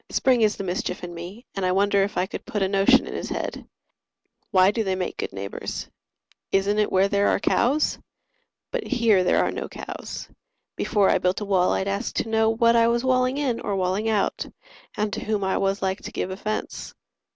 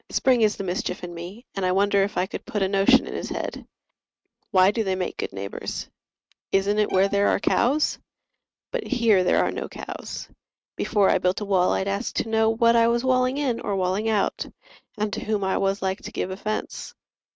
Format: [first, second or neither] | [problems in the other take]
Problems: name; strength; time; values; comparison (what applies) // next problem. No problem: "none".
first | noise reduction (neural mask model RNNoise)